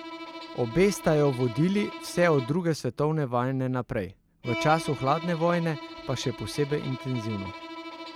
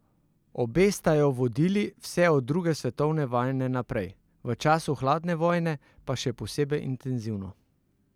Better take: second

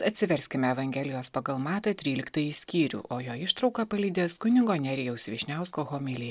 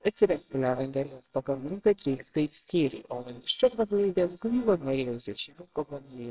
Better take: first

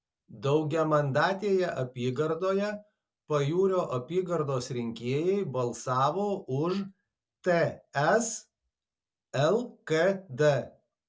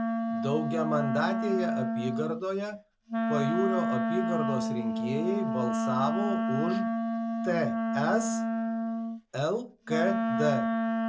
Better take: first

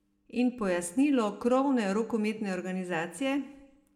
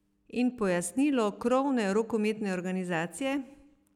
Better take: second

